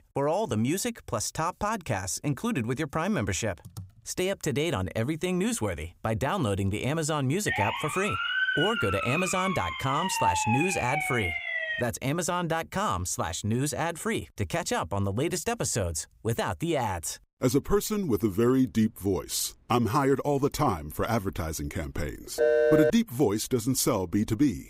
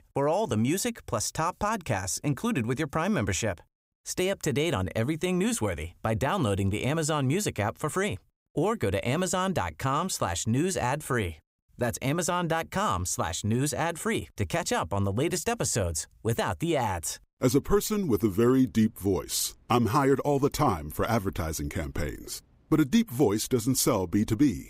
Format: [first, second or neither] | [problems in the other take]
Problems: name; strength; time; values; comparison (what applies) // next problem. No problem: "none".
second | keyboard typing; faint; at 3.5 s; peak 15 dB below the speech // siren; loud; from 7.5 to 12 s; peak 3 dB above the speech // phone ringing; loud; at 22 s; peak 6 dB above the speech